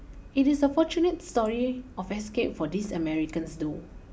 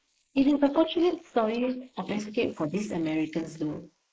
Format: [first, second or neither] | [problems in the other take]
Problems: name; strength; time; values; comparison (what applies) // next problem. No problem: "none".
first | noise reduction (neural mask model Resemble Enhance denoiser)